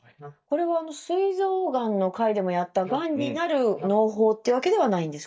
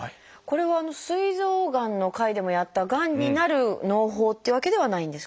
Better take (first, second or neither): second